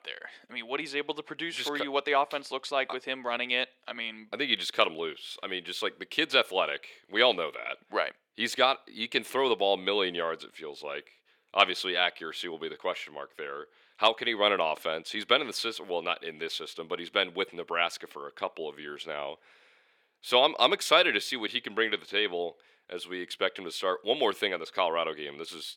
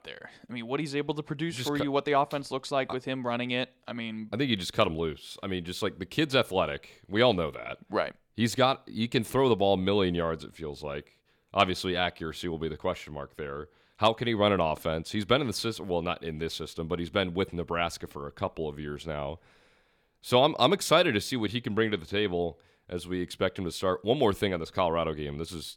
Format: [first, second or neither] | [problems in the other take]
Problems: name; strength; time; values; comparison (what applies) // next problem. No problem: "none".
second | thin; somewhat; fading below 400 Hz